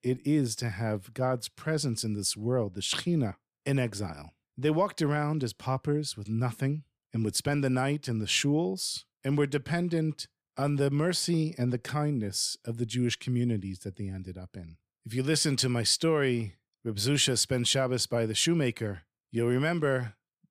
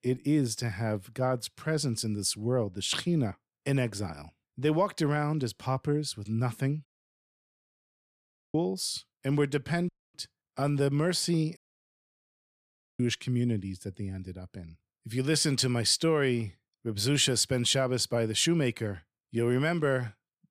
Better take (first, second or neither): first